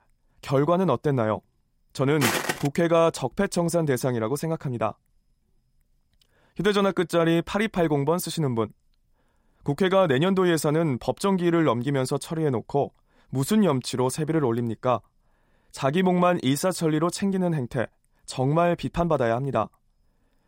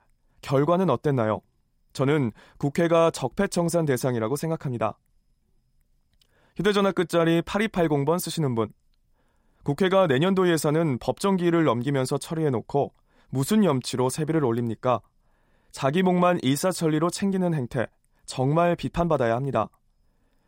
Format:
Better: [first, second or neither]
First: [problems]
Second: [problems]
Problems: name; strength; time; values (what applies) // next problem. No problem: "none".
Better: second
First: footsteps; loud; at 2 s; peak level with the speech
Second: none